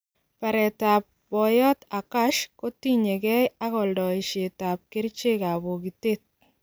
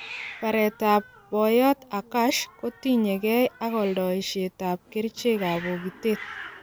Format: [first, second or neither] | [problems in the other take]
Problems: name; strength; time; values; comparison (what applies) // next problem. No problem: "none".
first | background sound (Hiss); 18 dB below the speech